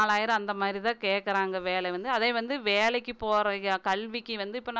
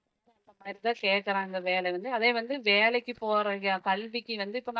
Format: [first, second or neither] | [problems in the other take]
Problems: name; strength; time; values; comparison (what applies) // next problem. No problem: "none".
first | noise reduction (neural mask model DeepFilterNet 3)